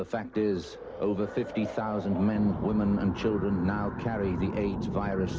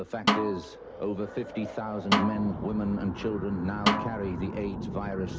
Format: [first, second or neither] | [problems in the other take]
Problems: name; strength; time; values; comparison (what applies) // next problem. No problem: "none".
first | background sound (Snare drum); as loud as the speech